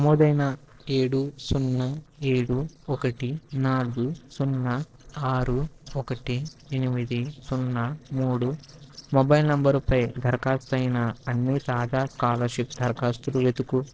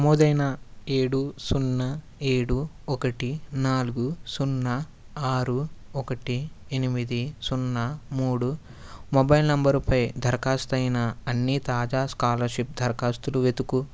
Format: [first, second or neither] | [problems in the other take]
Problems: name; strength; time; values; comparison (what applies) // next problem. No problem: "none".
second | noise reduction (neural separator model SepFormer DNS4)